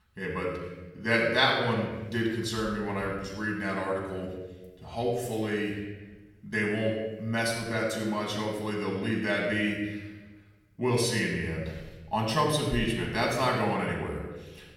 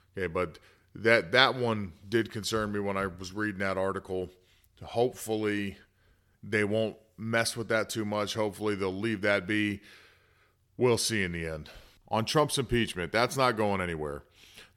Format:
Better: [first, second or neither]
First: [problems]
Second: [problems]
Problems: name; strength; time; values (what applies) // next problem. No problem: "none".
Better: second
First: off-mic speech; far // room echo; noticeable; dies away in 1.1 s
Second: none